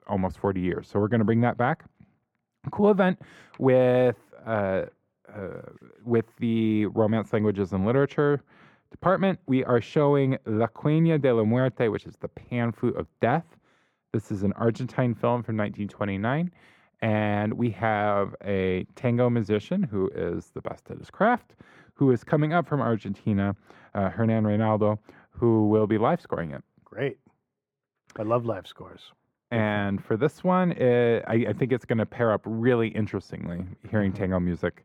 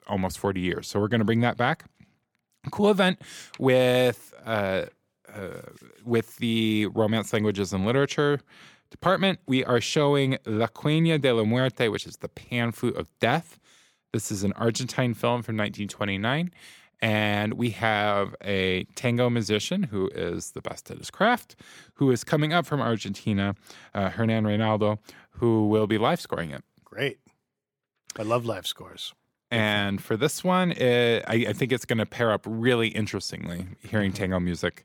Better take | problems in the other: second | muffled; very; fading above 2.5 kHz

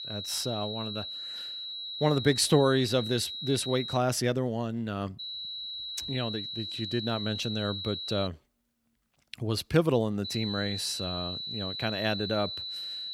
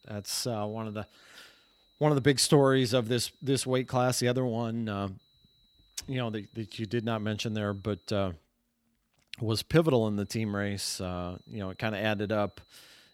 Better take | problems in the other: second | high-pitched whine; loud; until 4 s, from 5 to 8.5 s and from 10 s on; 4 kHz, 5 dB below the speech; faint in the second

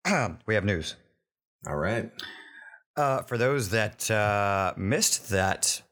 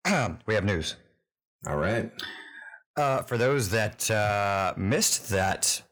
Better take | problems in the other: first | distortion; slight; 10 dB below the speech

